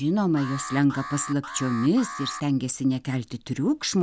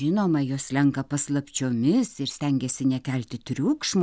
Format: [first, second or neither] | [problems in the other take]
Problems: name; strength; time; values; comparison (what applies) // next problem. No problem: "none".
second | background sound (Alarm); 14 dB below the speech